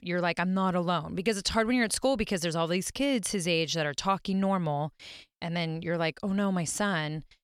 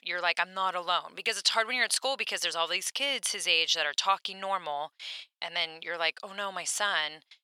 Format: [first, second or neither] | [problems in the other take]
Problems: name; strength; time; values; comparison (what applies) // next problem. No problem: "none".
first | thin; very; fading below 900 Hz